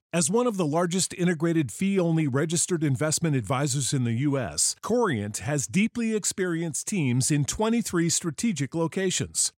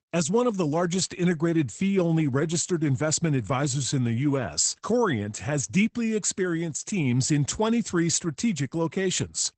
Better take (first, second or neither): first